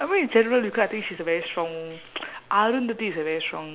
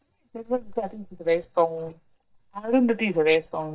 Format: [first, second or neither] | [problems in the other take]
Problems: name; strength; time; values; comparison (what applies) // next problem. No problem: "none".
first | noise reduction (neural mask model DeepFilterNet 3)